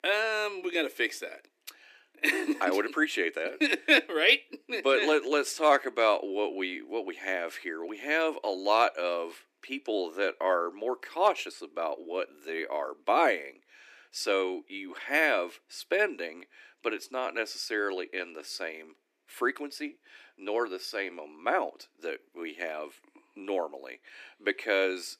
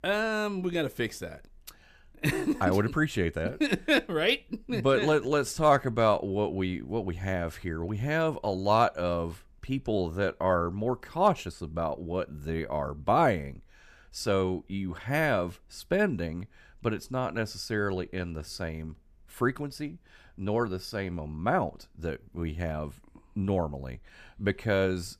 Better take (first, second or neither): second